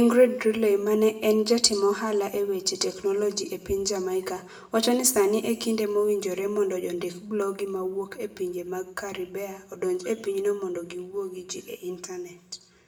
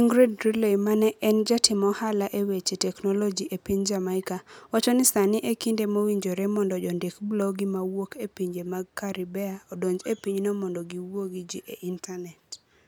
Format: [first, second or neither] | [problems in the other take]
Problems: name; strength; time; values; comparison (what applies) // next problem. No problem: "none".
second | room echo; dies away in 0.6 s